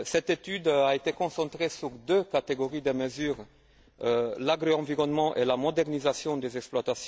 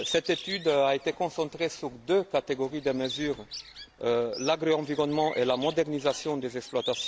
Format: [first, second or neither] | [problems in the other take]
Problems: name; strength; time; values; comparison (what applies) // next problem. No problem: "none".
first | background sound (Bird); 14 dB below the speech